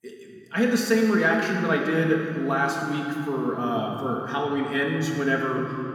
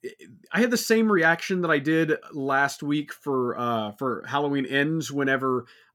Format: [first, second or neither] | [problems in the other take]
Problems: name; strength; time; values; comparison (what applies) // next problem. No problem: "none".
second | room echo; noticeable; dies away in 3 s // off-mic speech; somewhat distant